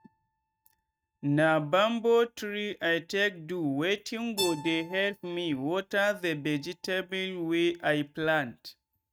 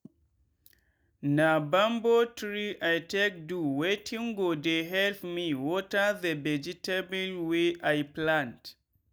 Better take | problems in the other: second | noise reduction (neural mask model RNNoise)

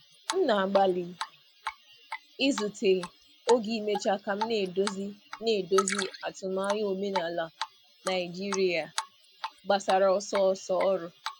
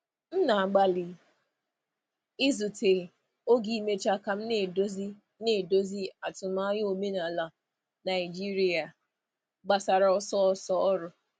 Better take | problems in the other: second | background sound (Drip); 10 dB below the speech

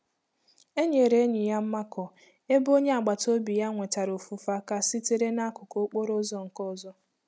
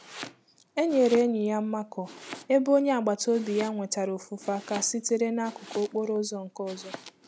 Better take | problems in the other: first | background sound (Domestic sounds, home sounds); 18 dB below the speech

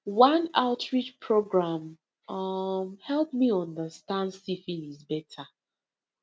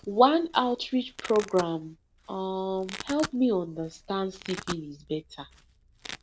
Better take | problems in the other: first | background sound (Domestic sounds, home sounds); 16 dB below the speech

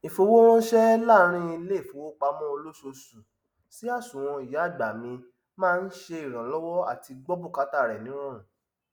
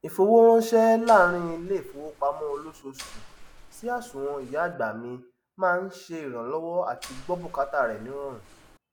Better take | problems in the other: first | background sound (Mechanisms); 20 dB below the speech

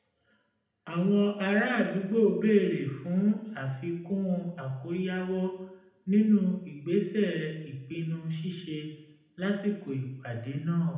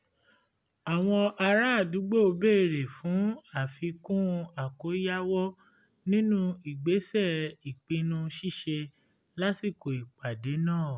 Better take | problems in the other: second | room echo; dies away in 0.8 s

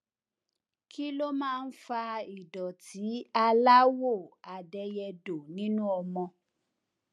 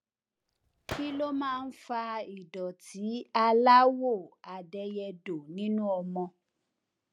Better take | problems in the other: first | background sound (Gunshot, gunfire); 15 dB below the speech

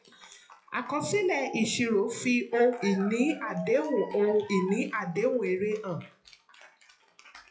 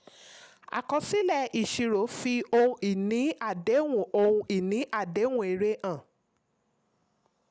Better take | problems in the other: second | noise reduction (classical method WPE with log-MMSE)

